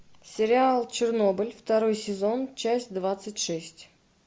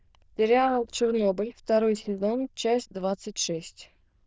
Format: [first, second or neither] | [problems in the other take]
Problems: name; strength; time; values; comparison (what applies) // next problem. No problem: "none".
first | noise reduction (neural diffusion model UNIVERSE++)